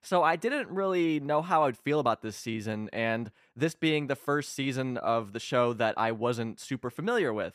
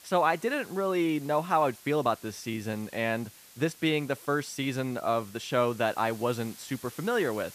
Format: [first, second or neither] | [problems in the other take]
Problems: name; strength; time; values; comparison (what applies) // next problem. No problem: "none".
first | hiss; noticeable; throughout; 20 dB below the speech